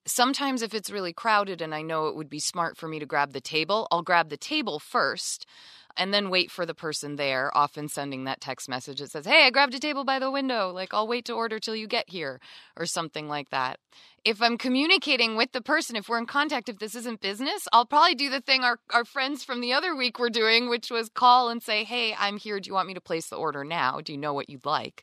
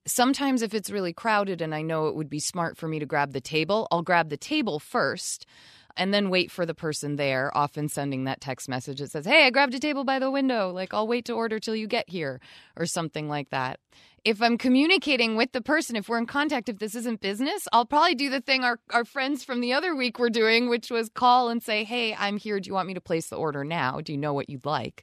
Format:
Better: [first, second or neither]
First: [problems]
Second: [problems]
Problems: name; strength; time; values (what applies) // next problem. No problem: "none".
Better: second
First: thin; very slightly; fading below 300 Hz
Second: none